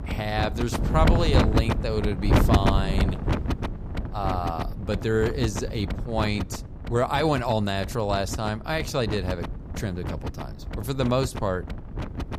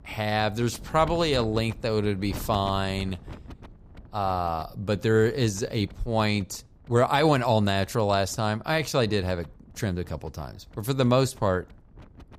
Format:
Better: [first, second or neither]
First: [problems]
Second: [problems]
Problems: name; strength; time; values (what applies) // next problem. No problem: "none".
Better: second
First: wind noise on the microphone; heavy; 6 dB below the speech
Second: wind noise on the microphone; occasional gusts; 25 dB below the speech